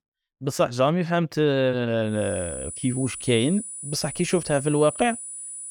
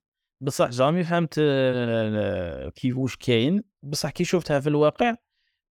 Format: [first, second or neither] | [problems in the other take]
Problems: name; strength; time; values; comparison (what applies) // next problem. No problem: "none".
second | high-pitched whine; loud; from 2 s on; 9.5 kHz, 9 dB below the speech